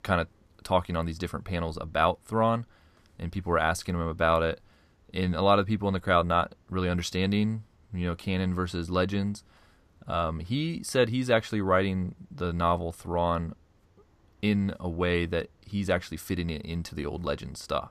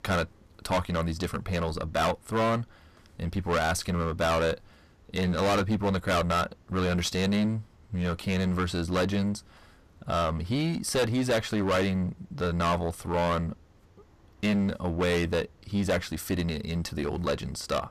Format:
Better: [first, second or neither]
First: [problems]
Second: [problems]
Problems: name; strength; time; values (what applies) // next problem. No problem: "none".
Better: first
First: none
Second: distortion; heavy; 15% of the sound clipped